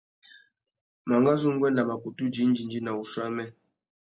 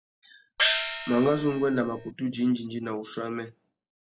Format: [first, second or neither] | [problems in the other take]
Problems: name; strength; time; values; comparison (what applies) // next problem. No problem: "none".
first | background sound (Gong); 1 dB below the speech